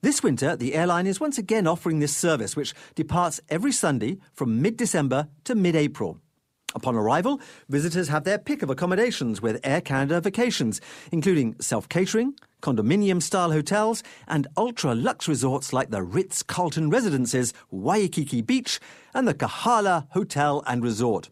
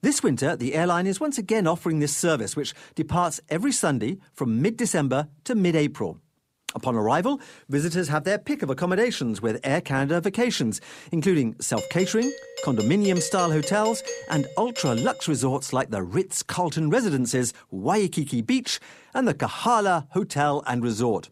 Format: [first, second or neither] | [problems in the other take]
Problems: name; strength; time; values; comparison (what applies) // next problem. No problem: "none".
first | doorbell; noticeable; from 12 to 15 s; peak 8 dB below the speech